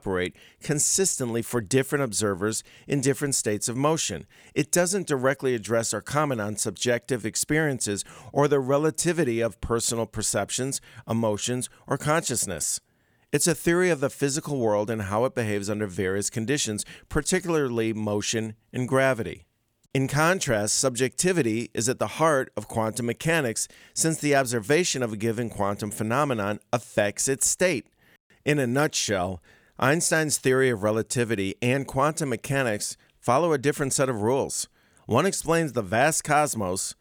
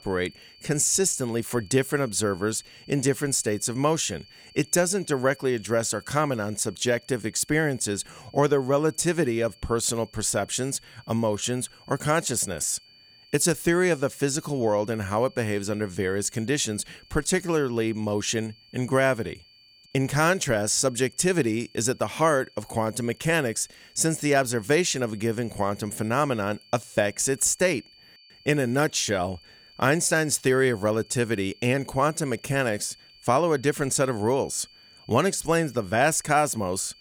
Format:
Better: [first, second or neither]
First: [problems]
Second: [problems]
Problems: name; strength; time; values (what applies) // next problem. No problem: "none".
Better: first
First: none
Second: high-pitched whine; faint; throughout; 4.5 kHz, 25 dB below the speech